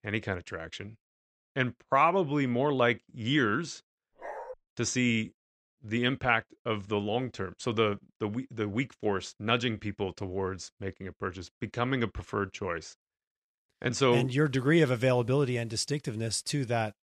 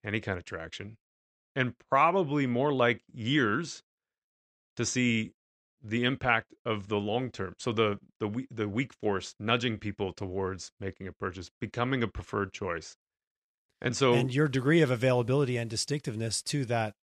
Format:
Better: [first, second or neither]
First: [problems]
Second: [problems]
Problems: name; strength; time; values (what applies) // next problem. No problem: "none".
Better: second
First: dog barking; faint; at 4 s; peak 10 dB below the speech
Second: none